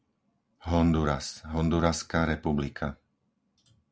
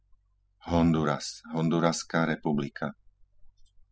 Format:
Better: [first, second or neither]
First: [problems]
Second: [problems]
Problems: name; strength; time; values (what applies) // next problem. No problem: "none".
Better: first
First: none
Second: noise reduction (classical method spectral subtraction)